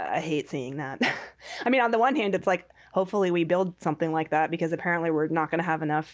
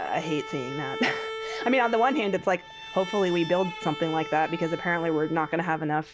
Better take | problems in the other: first | background sound (Bowed string instrument); 11 dB below the speech

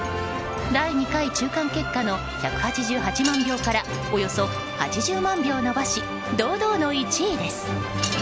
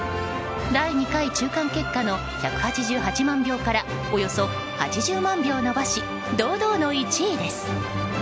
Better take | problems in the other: second | background sound (Wind chime); 15 dB below the speech

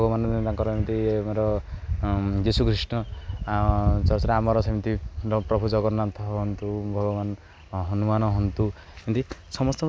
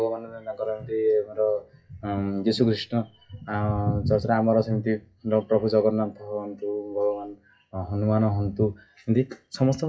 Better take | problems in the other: first | noise reduction (classical method WPE with log-MMSE)

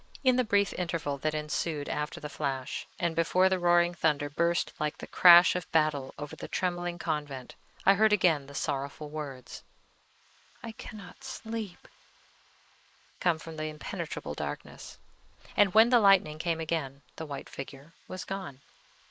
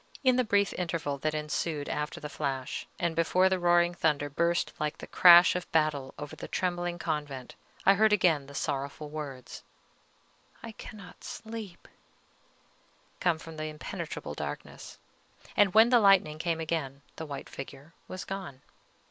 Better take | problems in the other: second | noise reduction (neural mask model Resemble Enhance denoiser)

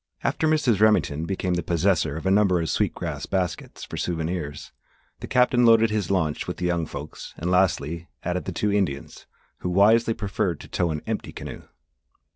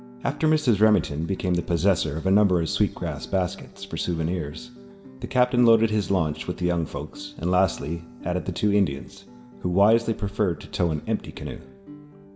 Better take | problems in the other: first | background sound (Guitar); 19 dB below the speech // room echo; dies away in 0.9 s

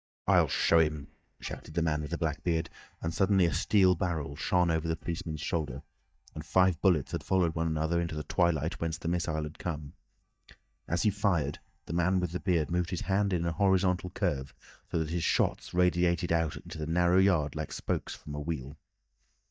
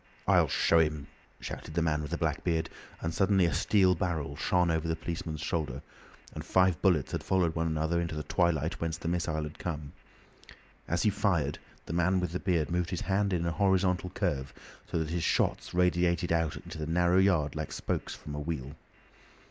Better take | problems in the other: second | noise reduction (neural mask model DeepFilterNet 3)

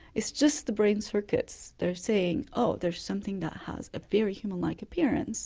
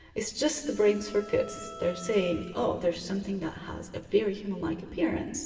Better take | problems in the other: first | background sound (Bowed string instrument); 18 dB below the speech // room echo; dies away in 2 s

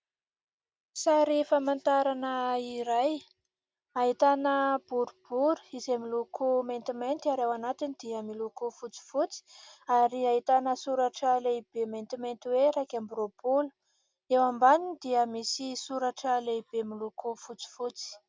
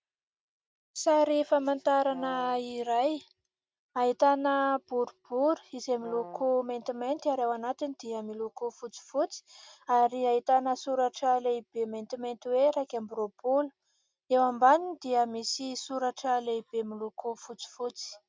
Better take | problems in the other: first | noise reduction (neural mask model RNNoise)

